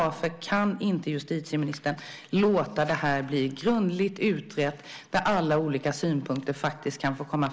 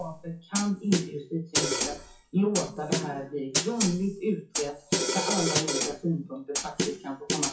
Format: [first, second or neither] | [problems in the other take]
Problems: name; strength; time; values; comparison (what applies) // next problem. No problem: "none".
first | noise reduction (classical method WPE with log-MMSE)